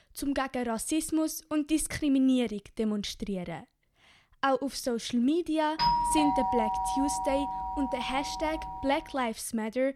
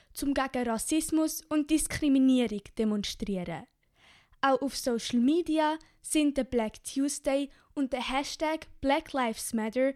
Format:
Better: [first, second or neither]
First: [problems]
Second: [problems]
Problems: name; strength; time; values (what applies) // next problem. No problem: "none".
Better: second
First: doorbell; loud; from 6 to 9 s; peak 5 dB above the speech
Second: none